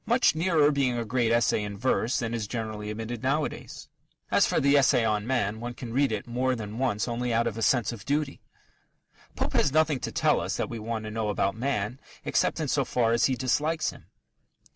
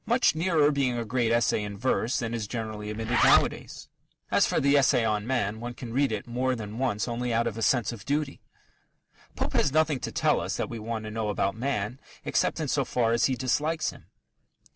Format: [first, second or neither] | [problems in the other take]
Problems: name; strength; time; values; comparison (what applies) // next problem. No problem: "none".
first | background sound (Zipper (clothing)); 3 dB below the speech